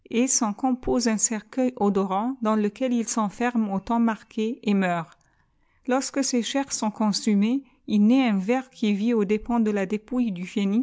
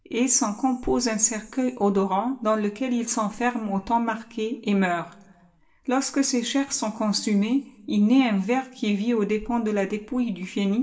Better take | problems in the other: first | room echo; dies away in 0.5 s

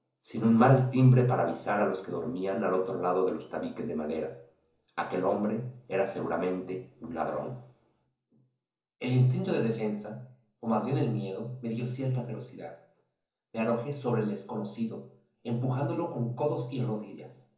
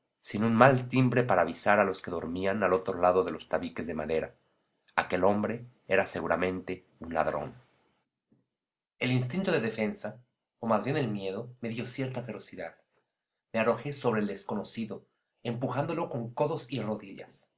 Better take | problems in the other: second | room echo; dies away in 0.7 s

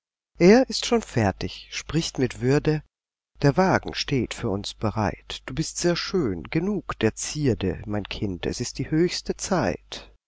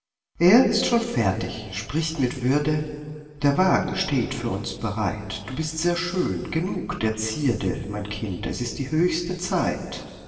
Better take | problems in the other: first | room echo; dies away in 2.1 s

